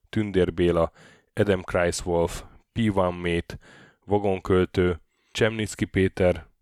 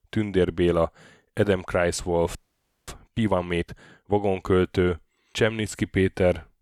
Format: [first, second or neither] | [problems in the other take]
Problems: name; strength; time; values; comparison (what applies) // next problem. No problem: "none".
first | audio freezing; at 2.5 s for 0.5 s